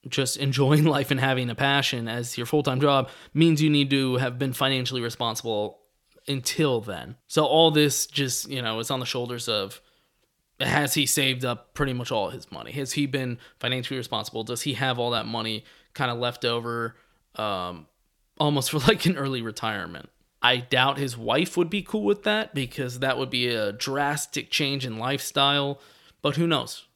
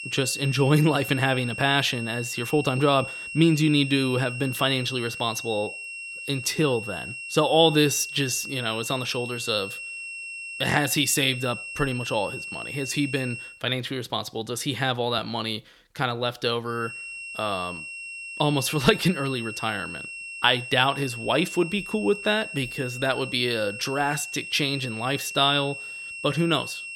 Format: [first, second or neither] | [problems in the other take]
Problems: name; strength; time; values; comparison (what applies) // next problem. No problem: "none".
first | high-pitched whine; loud; until 13 s and from 17 s on; 2.5 kHz, 9 dB below the speech